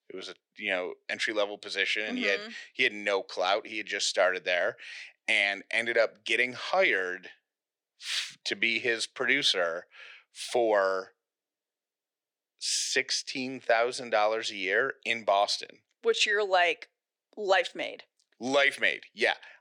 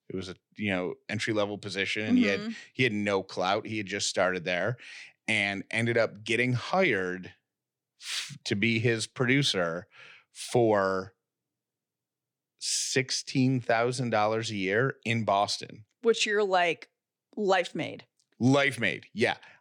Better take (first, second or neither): second